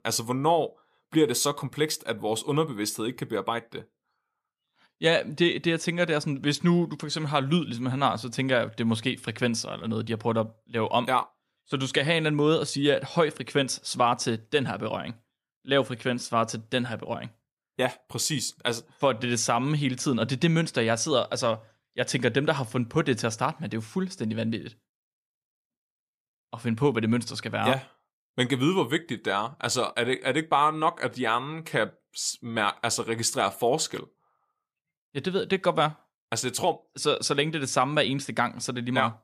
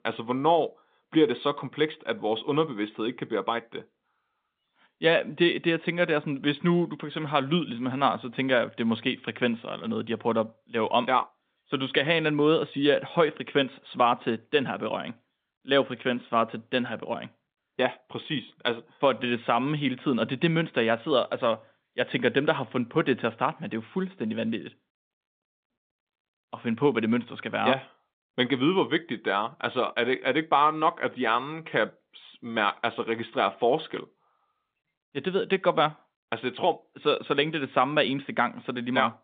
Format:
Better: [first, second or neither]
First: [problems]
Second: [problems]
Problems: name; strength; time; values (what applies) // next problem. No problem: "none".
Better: first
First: none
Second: phone-call audio; nothing above 3.5 kHz